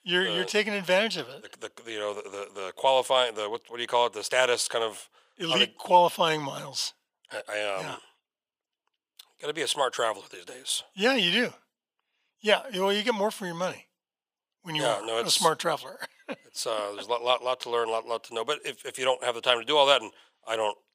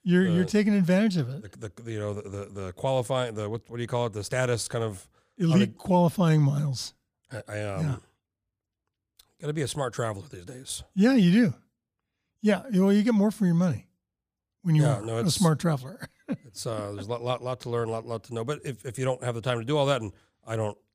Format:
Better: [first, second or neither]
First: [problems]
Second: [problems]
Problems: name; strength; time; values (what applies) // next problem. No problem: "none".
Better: second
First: thin; very; fading below 600 Hz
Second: none